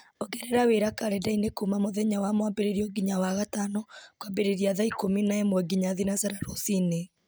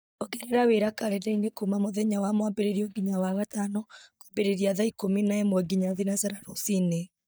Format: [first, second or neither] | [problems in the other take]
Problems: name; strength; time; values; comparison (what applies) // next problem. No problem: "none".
first | noise reduction (neural mask model DeepFilterNet 3)